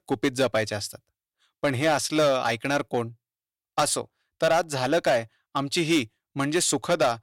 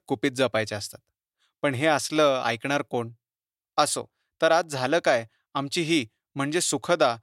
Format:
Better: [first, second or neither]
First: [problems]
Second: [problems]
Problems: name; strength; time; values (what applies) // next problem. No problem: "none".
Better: second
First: distortion; slight; 4% of the sound clipped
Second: none